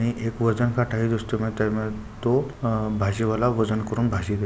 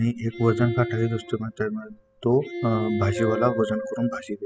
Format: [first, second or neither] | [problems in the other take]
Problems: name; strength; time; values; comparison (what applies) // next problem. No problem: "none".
first | noise reduction (classical method spectral subtraction)